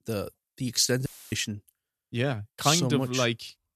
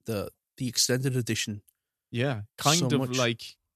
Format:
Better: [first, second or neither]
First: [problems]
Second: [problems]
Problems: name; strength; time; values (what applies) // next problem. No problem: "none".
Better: second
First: audio cutting out; filled with static; at 1 s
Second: none